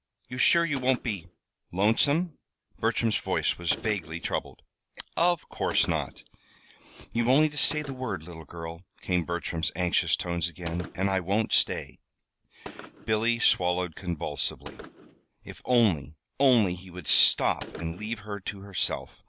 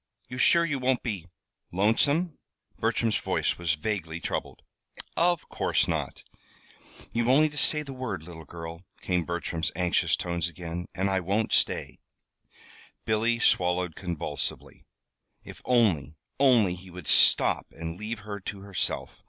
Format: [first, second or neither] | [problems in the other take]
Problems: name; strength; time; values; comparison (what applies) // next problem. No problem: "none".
second | background sound (Gunshot, gunfire); 19 dB below the speech